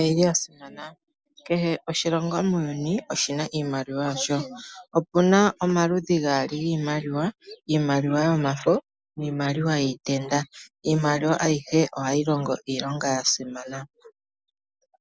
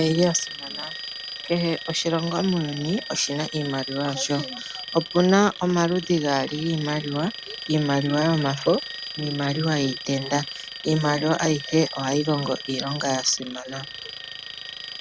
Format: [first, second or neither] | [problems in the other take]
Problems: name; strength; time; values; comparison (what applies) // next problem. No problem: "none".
first | background sound (Alarm); 11 dB below the speech